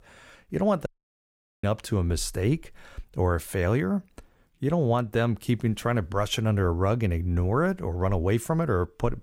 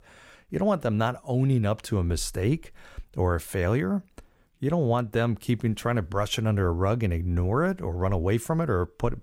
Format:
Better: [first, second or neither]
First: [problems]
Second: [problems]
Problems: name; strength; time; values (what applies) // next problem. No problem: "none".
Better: second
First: audio cutting out; at 1 s for 1 s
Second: none